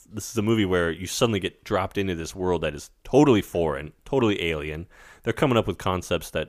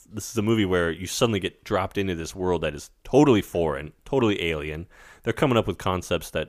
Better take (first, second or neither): neither